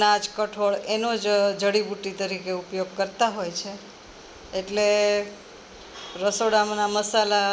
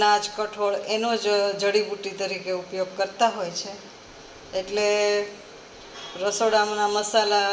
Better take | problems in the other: first | room echo; dies away in 0.7 s

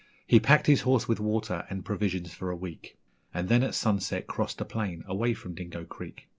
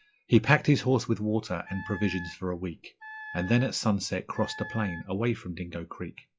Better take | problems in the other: first | noise reduction (classical method log-MMSE)

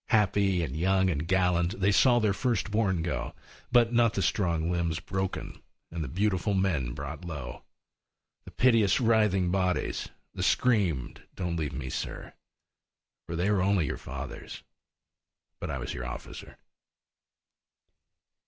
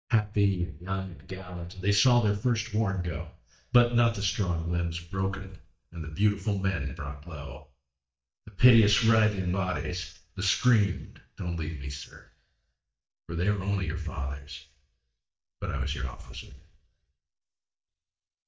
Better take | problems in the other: first | noise reduction (neural mask model DeepFilterNet 3)

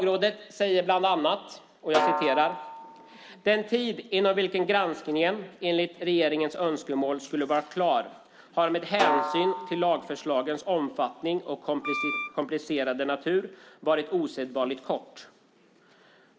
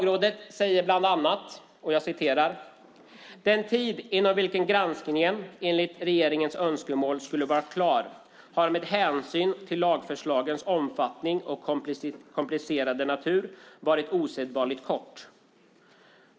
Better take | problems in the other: second | background sound (Snare drum + Wind instrument, woodwind instrument); 4 dB below the speech

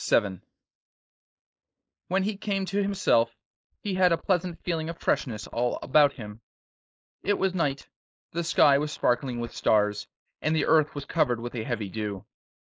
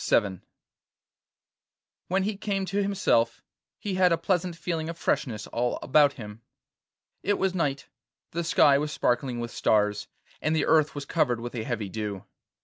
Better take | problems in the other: second | noise reduction (neural mask model Resemble Enhance denoiser)

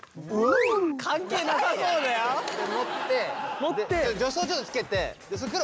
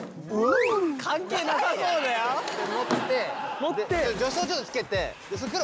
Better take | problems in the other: first | background sound (Drawer open or close); 13 dB below the speech

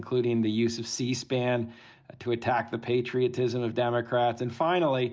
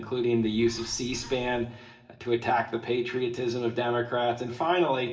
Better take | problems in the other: first | background sound (Bird); 18 dB below the speech // room echo; dies away in 0.7 s

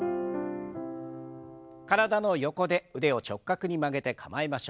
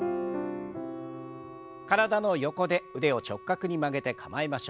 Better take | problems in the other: first | background sound (Wind instrument, woodwind instrument); 18 dB below the speech

